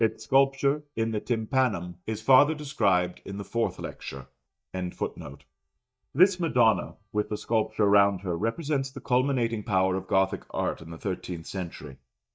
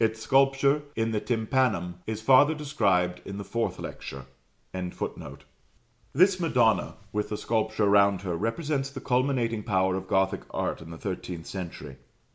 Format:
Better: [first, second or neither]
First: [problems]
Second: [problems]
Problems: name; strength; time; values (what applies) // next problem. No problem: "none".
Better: second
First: noise reduction (neural mask model DeepFilterNet 3)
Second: none